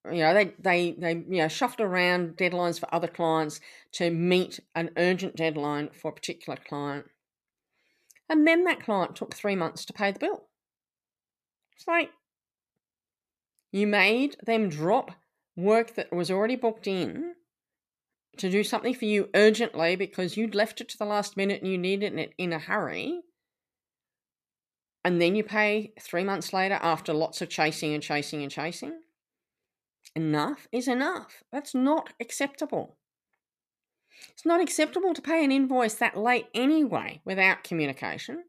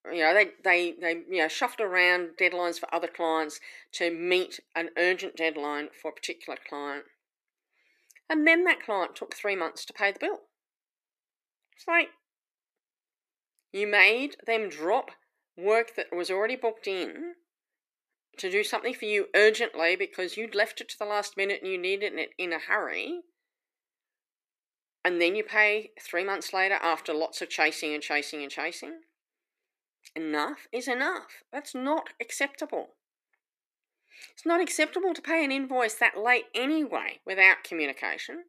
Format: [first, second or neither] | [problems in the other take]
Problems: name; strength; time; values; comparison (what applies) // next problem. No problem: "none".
first | thin; somewhat; fading below 350 Hz